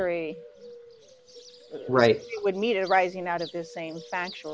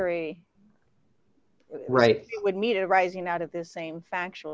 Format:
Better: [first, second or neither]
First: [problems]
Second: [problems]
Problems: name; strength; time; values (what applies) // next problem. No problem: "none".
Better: second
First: background sound (Bird); 19 dB below the speech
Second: none